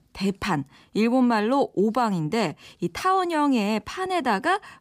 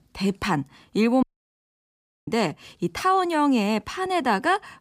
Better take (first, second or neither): first